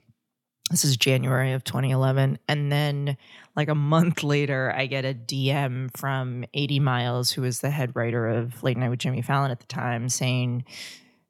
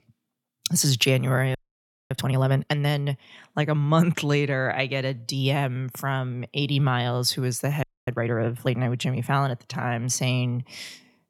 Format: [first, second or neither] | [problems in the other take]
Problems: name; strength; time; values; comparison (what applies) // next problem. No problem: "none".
first | audio freezing; at 1.5 s for 0.5 s and at 8 s